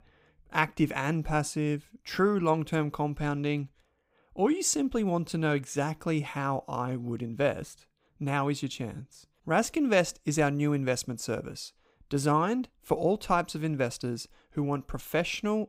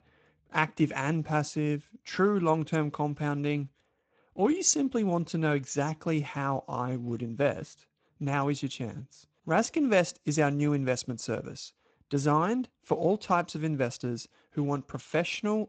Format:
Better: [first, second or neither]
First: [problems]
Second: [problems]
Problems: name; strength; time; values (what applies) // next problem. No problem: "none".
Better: first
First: none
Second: garbled, watery; slightly; nothing above 7.5 kHz